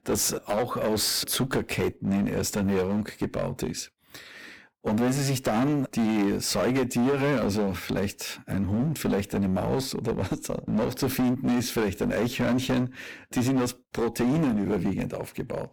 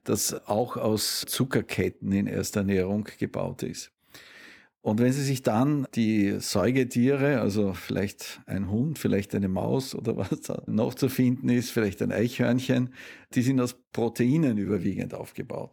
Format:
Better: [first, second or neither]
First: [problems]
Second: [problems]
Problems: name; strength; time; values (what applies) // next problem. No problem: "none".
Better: second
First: distortion; heavy; 15% of the sound clipped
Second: none